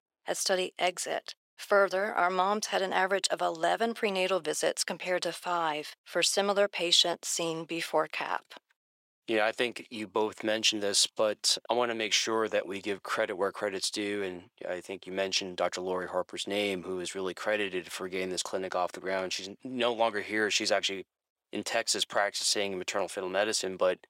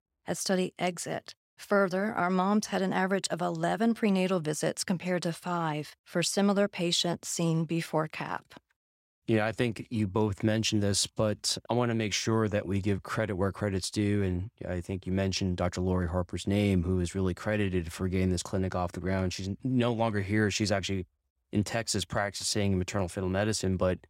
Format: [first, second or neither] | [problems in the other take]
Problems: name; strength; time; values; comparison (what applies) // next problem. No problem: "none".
second | thin; very; fading below 500 Hz